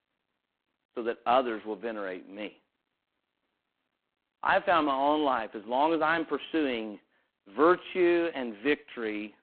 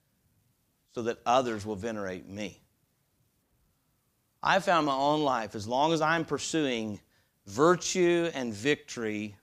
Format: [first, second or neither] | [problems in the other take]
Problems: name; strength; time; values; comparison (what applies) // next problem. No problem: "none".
second | phone-call audio; poor line